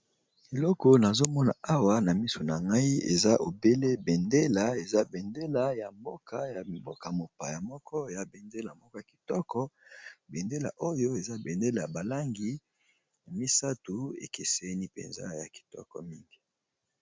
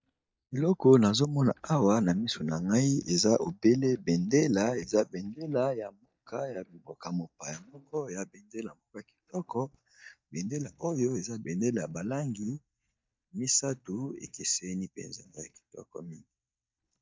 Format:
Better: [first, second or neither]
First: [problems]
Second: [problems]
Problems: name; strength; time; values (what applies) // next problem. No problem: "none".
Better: first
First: none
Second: noise reduction (neural mask model DeepFilterNet 3)